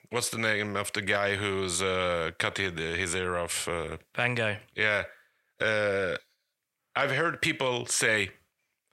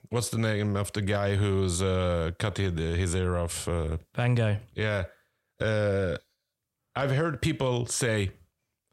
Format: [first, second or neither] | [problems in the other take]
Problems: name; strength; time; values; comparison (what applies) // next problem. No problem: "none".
second | thin; somewhat; fading below 1 kHz